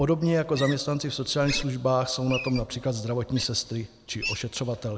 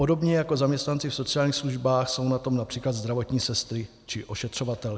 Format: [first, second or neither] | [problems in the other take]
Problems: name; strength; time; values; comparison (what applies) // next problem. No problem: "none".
second | background sound (Wild animals); 12 dB below the speech